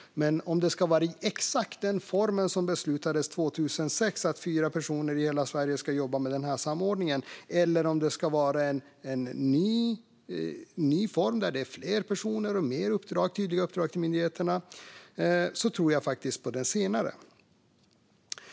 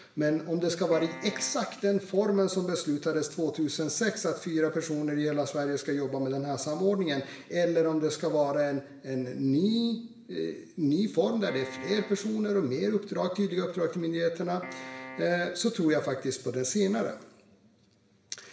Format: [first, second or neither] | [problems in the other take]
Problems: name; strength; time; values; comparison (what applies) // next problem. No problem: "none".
first | background sound (Piano); 14 dB below the speech // room echo; dies away in 1 s